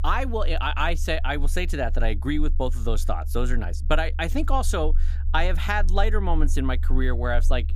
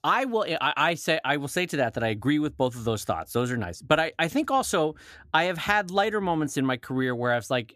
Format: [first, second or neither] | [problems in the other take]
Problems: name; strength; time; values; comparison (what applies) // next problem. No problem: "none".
second | low rumble; faint; throughout; 20 dB below the speech